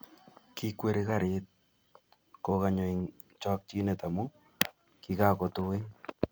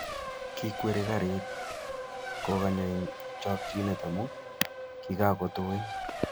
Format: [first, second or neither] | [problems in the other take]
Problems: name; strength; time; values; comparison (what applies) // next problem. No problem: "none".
first | background sound (Race car, auto racing); 6 dB below the speech